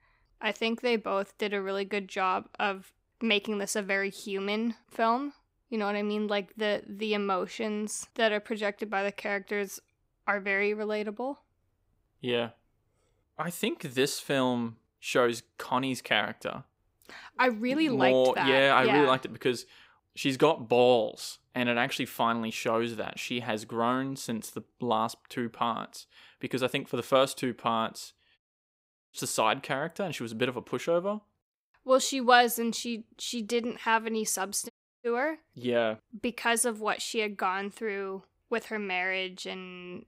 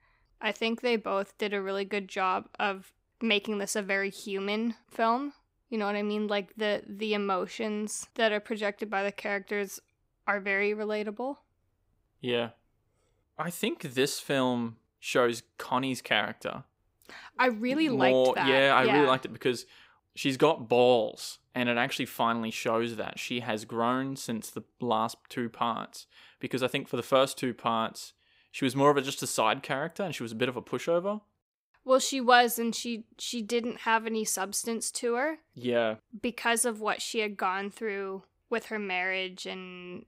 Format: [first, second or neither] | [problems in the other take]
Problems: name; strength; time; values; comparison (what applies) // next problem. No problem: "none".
second | audio cutting out; at 28 s for 1 s and at 35 s